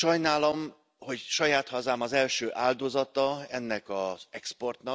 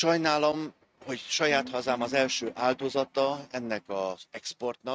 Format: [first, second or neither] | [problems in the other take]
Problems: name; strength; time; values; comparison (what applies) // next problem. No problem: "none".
first | noise reduction (neural mask model RNNoise)